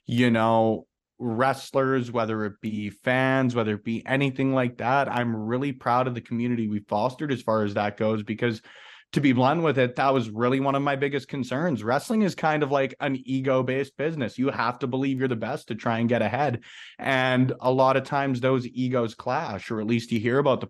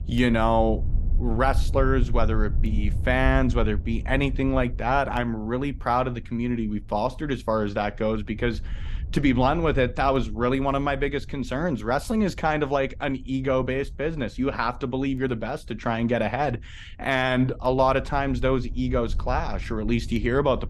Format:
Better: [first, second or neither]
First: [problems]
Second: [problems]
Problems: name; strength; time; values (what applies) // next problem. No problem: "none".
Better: first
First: none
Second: wind noise on the microphone; occasional gusts; 25 dB below the speech